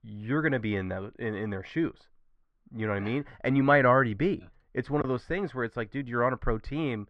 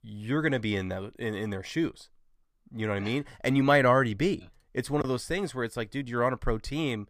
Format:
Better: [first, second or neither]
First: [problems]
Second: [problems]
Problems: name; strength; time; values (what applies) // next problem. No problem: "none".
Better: second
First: muffled; slightly; fading above 2.5 kHz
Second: none